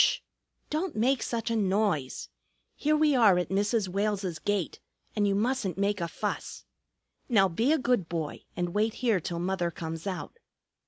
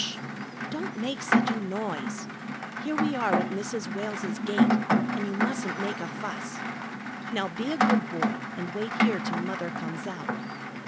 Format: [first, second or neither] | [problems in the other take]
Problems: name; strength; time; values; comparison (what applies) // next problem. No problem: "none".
first | background sound (Rain); 5 dB above the speech